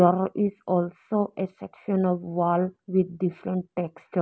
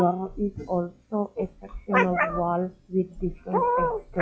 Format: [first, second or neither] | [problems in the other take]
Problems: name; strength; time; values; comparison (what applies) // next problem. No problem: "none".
first | noise reduction (classical method log-MMSE)